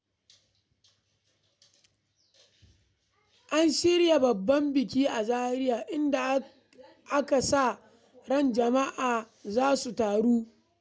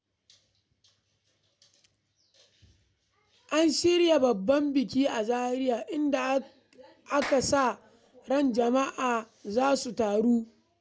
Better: first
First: none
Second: background sound (Clapping); 15 dB below the speech

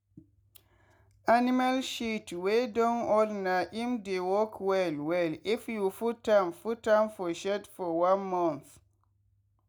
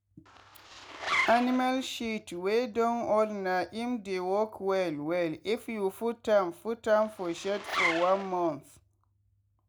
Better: first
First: none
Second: background sound (Zipper (clothing)); 5 dB below the speech

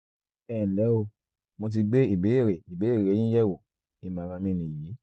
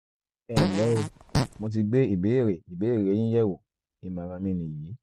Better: first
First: none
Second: background sound (Fart); 1 dB below the speech

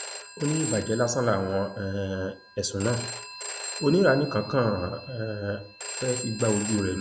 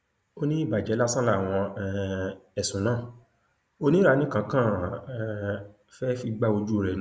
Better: second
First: background sound (Telephone); 10 dB below the speech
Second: none

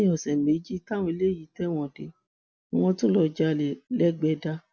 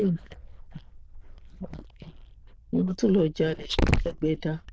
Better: first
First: none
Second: noise reduction (neural diffusion model UNIVERSE++)

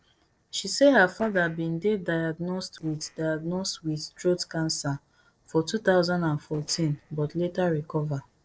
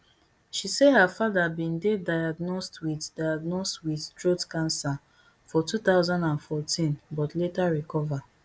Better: second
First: noise reduction (neural separator model SepFormer DNS4)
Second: none

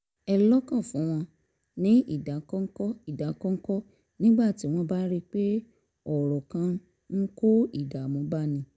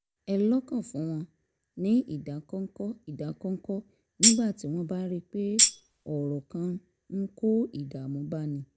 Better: first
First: none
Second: background sound (Tambourine); 5 dB above the speech

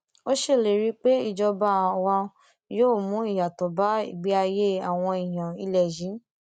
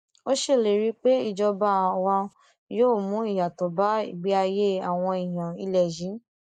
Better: first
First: none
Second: noise reduction (neural mask model Resemble Enhance denoiser)

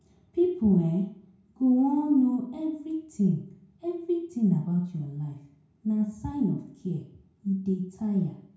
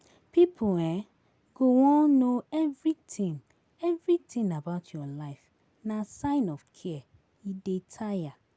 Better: second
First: room echo; dies away in 0.5 s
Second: none

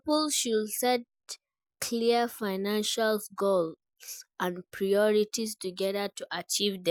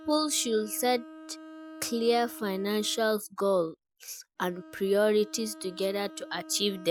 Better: first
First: none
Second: background sound (Bowed string instrument); 18 dB below the speech

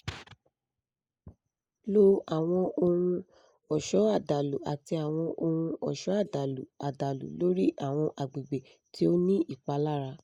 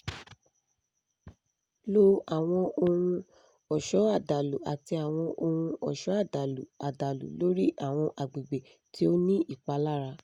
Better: second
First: noise reduction (neural mask model Resemble Enhance denoiser)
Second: none

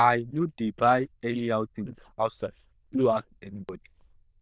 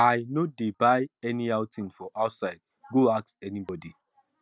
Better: second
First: noise reduction (neural diffusion model UNIVERSE++)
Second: none

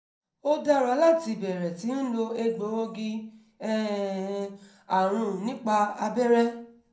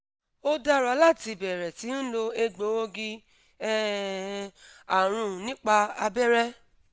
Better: second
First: room echo; dies away in 0.5 s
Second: none

